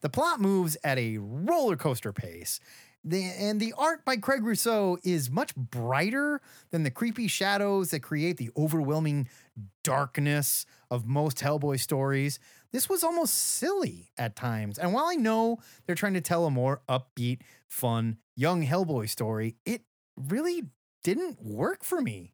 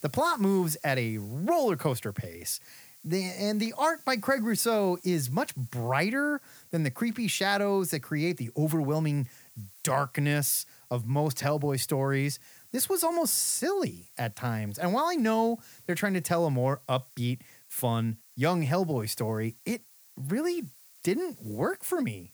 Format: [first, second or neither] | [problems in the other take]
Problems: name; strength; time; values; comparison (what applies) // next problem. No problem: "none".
first | hiss; faint; throughout; 25 dB below the speech